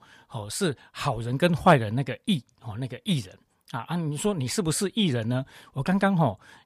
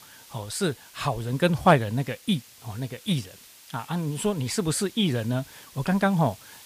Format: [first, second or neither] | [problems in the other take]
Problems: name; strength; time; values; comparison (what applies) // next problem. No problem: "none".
first | hiss; faint; throughout; 20 dB below the speech